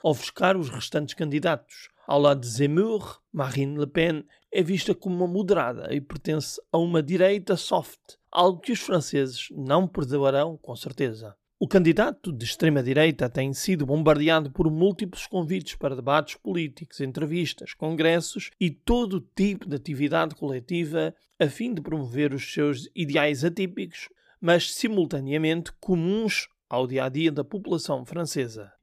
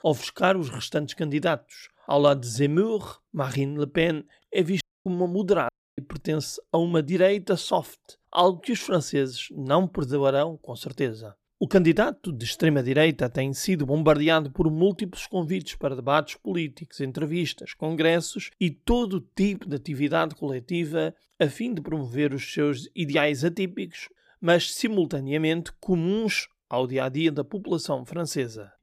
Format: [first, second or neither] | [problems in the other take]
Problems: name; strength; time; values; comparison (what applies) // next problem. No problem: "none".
first | audio cutting out; at 5 s and at 5.5 s